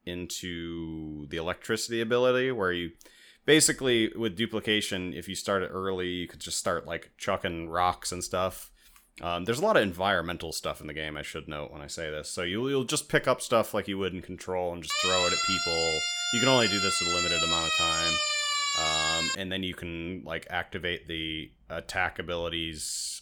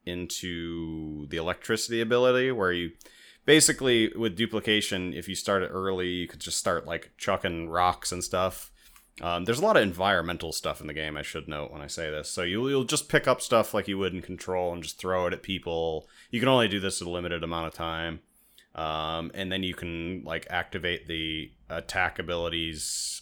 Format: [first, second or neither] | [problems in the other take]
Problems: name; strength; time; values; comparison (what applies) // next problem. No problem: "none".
second | siren; loud; from 15 to 19 s; peak 6 dB above the speech